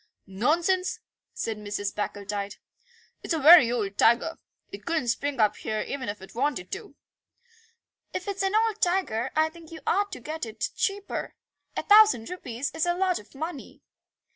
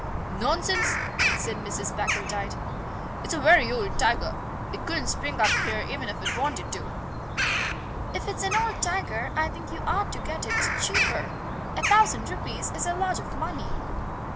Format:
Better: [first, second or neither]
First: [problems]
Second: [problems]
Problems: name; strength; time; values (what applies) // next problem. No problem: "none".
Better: first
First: none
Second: background sound (Bird vocalization, bird call, bird song); as loud as the speech